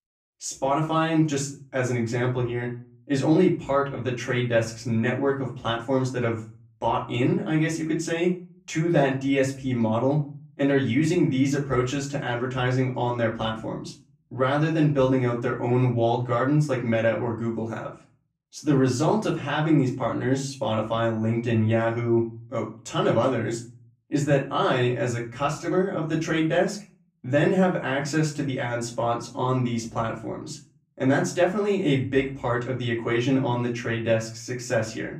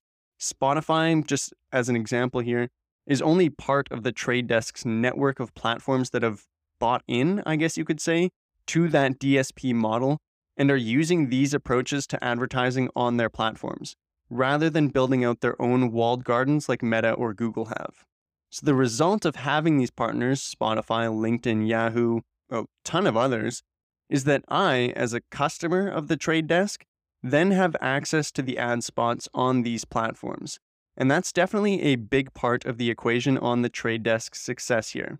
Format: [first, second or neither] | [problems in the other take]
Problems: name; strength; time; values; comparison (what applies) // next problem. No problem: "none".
second | off-mic speech; far // room echo; slight; dies away in 0.4 s